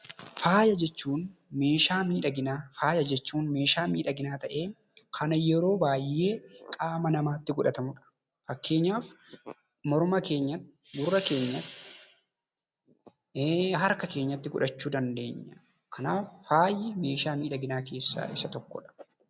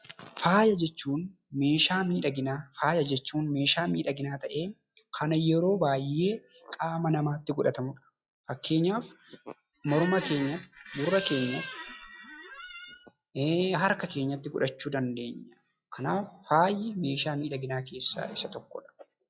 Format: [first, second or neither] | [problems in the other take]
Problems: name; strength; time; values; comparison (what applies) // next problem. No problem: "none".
first | noise reduction (classical method log-MMSE)